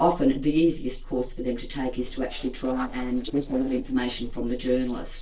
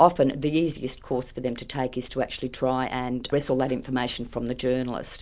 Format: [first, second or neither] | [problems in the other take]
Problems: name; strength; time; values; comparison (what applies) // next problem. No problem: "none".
second | noise reduction (neural separator model SepFormer DNS4)